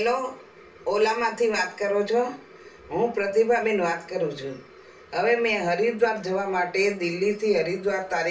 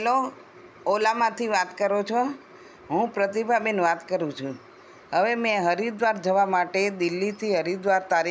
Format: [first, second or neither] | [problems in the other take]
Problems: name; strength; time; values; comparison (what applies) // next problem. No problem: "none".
second | room echo; dies away in 0.3 s